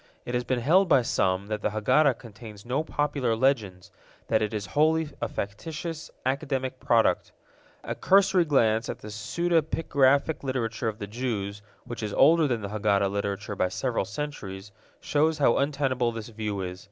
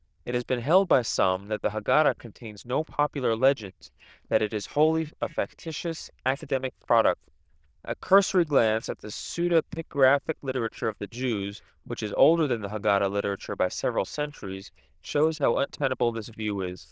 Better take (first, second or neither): first